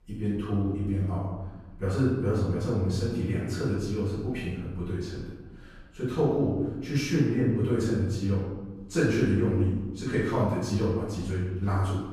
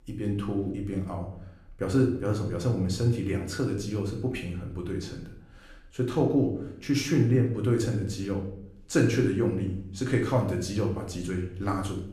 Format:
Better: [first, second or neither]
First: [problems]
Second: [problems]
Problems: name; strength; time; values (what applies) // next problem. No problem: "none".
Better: second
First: room echo; strong; dies away in 1.2 s // off-mic speech; far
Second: room echo; slight; dies away in 0.6 s // off-mic speech; somewhat distant